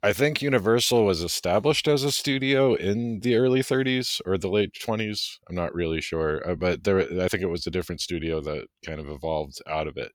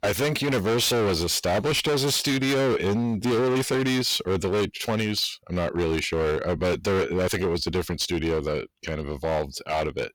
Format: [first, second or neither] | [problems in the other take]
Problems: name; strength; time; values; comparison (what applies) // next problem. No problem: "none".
first | distortion; heavy; 23% of the sound clipped